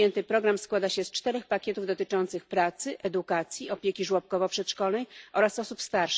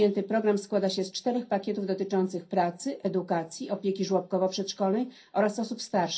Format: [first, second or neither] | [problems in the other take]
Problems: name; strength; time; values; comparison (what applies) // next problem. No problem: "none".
first | room echo; dies away in 0.3 s